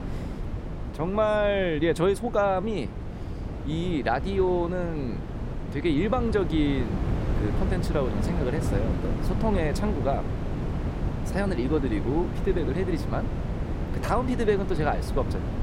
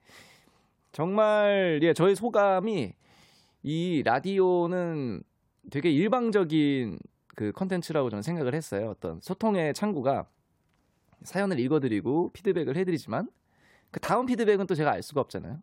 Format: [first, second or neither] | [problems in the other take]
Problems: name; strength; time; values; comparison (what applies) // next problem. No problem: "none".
second | wind noise on the microphone; heavy; 10 dB below the speech